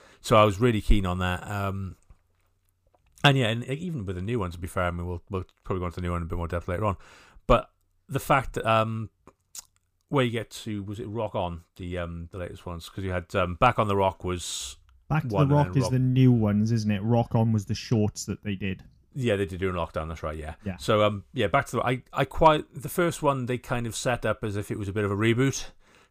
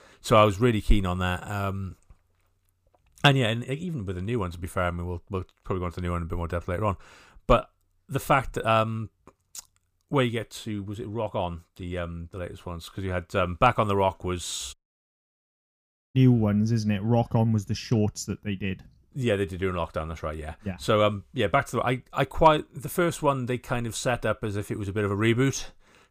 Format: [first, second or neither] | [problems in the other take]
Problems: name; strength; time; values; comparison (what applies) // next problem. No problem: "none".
first | audio cutting out; at 15 s for 1.5 s